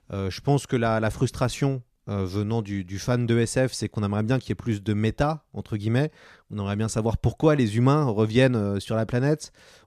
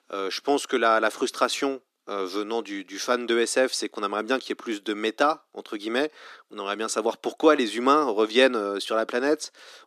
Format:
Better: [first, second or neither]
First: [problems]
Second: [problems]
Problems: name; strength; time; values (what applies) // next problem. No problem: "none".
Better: first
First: none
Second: thin; somewhat; fading below 300 Hz